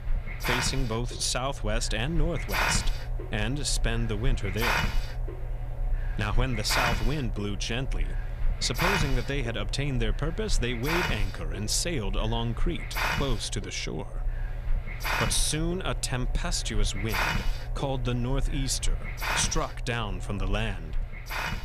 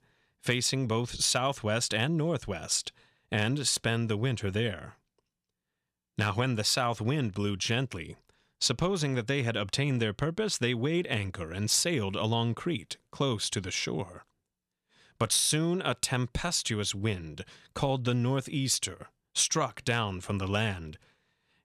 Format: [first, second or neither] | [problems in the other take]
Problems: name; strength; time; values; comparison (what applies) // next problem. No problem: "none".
second | hiss; loud; throughout; 2 dB below the speech